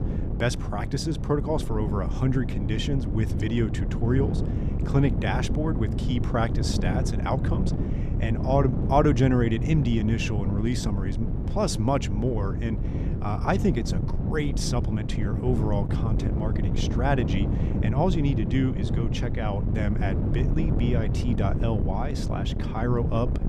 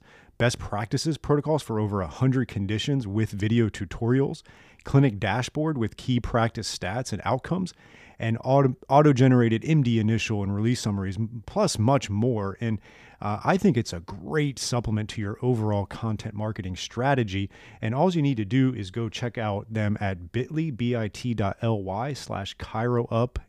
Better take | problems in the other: second | wind noise on the microphone; heavy; 7 dB below the speech

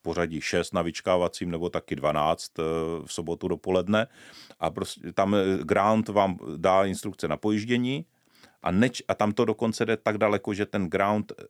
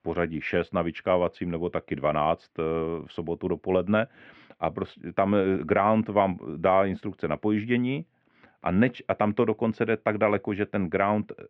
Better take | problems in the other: first | muffled; very; fading above 2.5 kHz

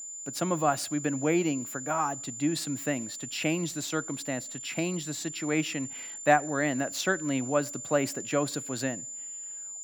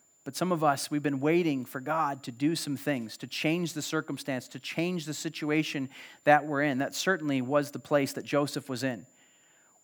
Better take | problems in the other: second | high-pitched whine; loud; throughout; 7 kHz, 7 dB below the speech; faint in the second

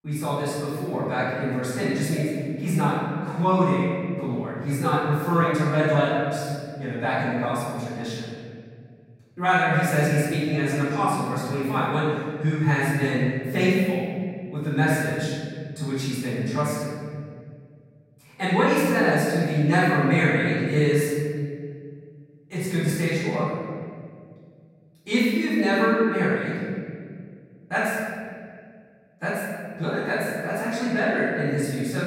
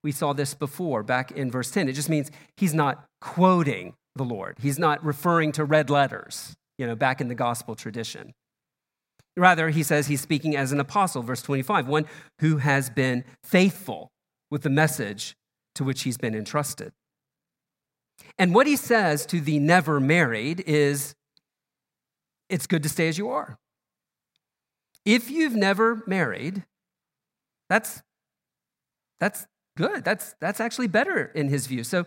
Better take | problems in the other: second | off-mic speech; far // room echo; strong; dies away in 2.1 s

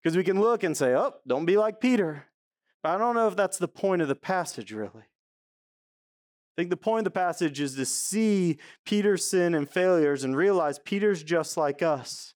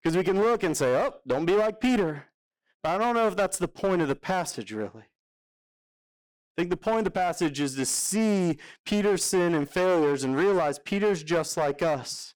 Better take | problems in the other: first | distortion; slight; 11% of the sound clipped

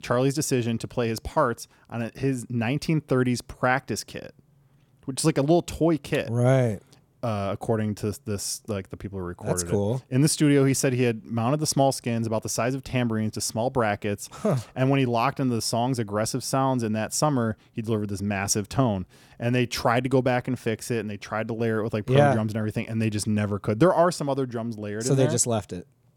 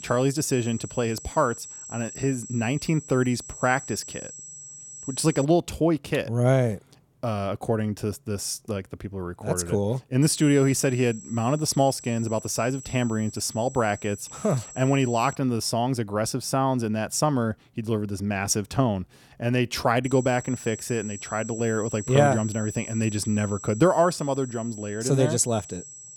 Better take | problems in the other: first | high-pitched whine; noticeable; until 5.5 s, from 10 to 15 s and from 20 s on; 7.5 kHz, 15 dB below the speech

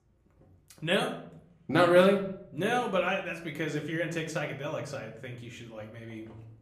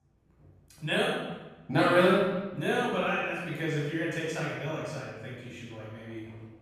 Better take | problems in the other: first | room echo; strong; dies away in 1 s; slight in the first // off-mic speech; far; somewhat distant in the first

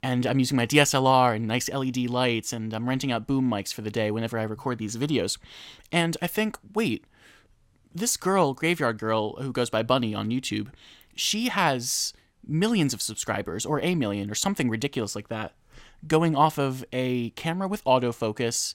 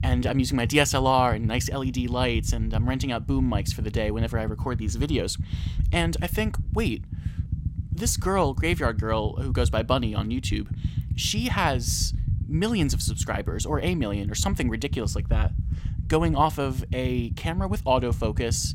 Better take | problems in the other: first | low rumble; noticeable; throughout; 15 dB below the speech

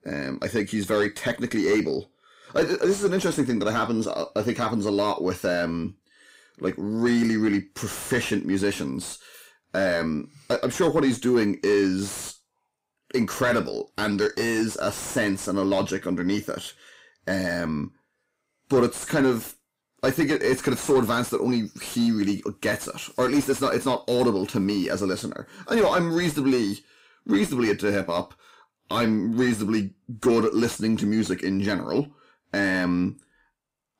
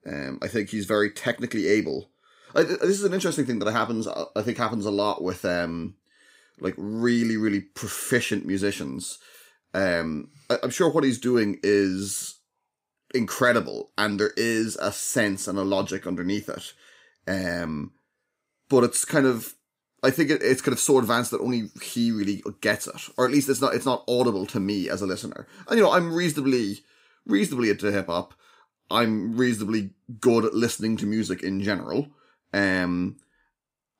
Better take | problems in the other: second | distortion; slight; 10 dB below the speech

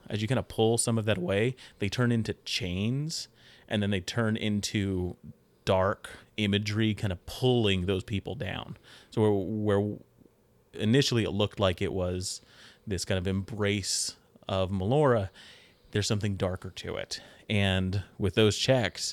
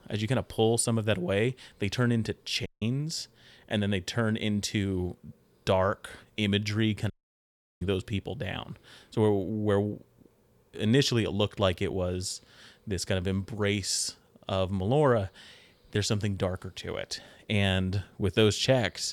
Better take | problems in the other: first | audio cutting out; at 2.5 s and at 7 s for 0.5 s

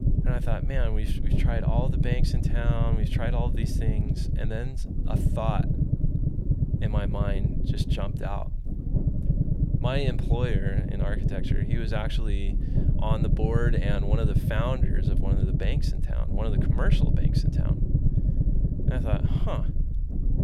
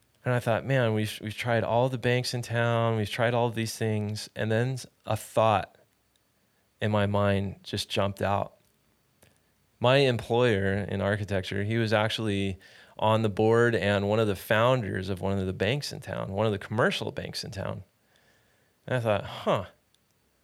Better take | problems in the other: second | low rumble; loud; throughout; 3 dB below the speech

